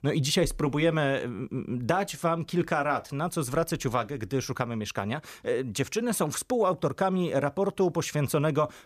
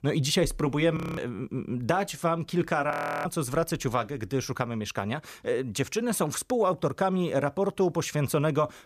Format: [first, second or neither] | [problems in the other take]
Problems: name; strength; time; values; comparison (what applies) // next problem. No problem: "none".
first | audio freezing; at 1 s and at 3 s